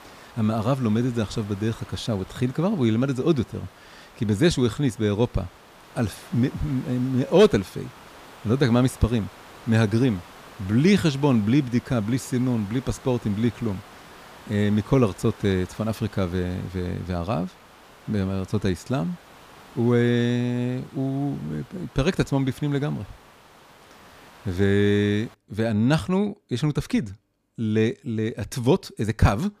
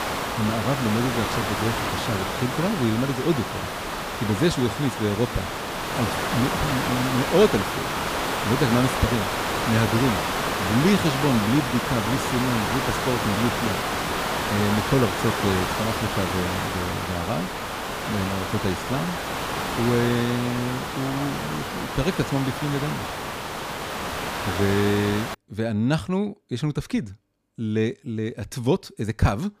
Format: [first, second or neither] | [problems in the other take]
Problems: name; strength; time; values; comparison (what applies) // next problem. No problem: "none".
first | hiss; loud; until 25 s; 1 dB below the speech; faint in the first